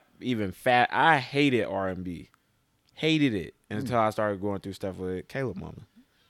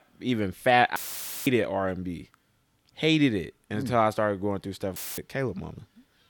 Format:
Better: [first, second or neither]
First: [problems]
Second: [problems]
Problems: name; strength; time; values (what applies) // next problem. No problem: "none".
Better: first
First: none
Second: audio cutting out; filled with static; at 1 s for 0.5 s and at 5 s